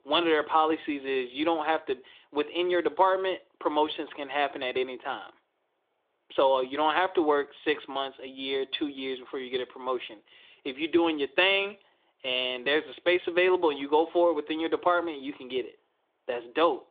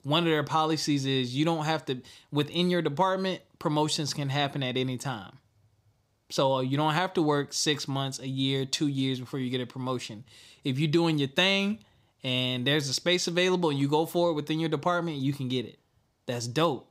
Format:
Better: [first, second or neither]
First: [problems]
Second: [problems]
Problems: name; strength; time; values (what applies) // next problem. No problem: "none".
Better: second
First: phone-call audio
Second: none